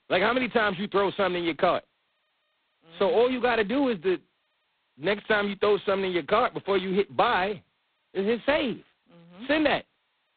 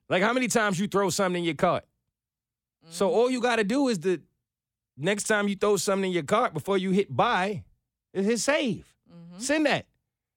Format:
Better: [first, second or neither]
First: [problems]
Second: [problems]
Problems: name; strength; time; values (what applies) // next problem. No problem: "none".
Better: second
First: phone-call audio; poor line; nothing above 4 kHz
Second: none